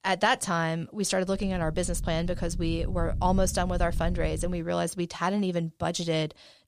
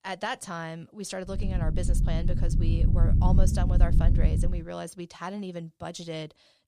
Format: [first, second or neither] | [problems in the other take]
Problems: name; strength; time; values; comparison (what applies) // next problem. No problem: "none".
first | low rumble; loud; from 1.5 to 4.5 s; 4 dB below the speech; faint in the first